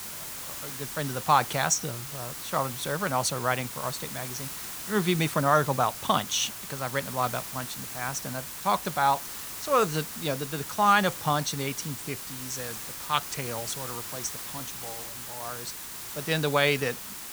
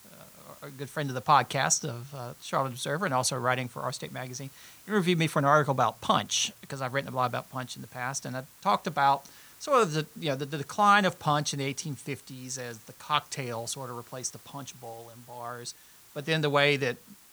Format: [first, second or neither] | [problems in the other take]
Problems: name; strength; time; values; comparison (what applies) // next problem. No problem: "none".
second | hiss; loud; throughout; 8 dB below the speech; faint in the second